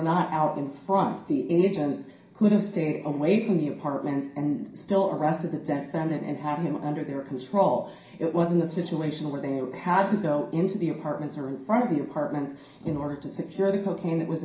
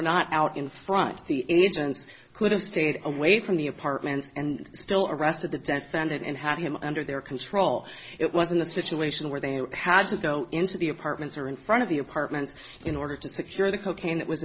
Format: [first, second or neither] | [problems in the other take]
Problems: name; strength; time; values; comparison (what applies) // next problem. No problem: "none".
second | room echo; dies away in 0.5 s